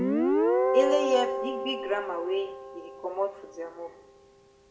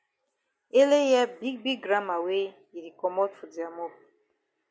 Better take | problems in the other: second | background sound (Guitar); 2 dB above the speech // room echo; dies away in 0.7 s

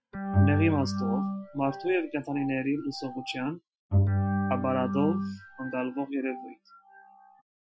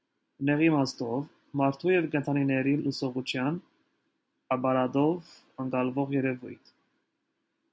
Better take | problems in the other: second | noise reduction (classical method Wiener filter)

